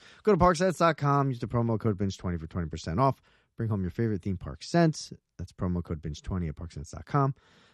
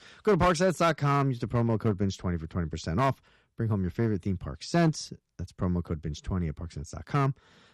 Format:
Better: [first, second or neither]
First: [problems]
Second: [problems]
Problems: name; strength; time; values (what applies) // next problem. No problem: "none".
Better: first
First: none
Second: distortion; slight; 3% of the sound clipped